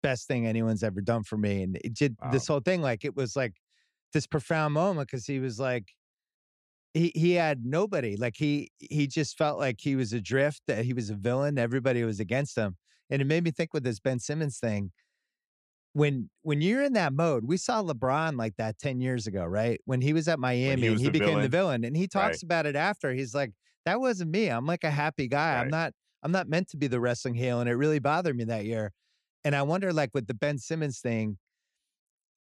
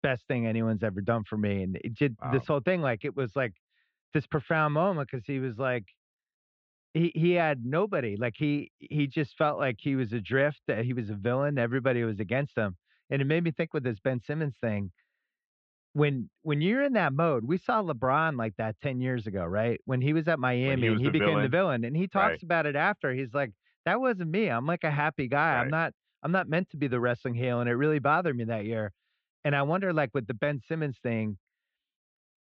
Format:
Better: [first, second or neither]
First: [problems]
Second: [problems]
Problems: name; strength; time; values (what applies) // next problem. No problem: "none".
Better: first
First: none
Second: muffled; very; fading above 3.5 kHz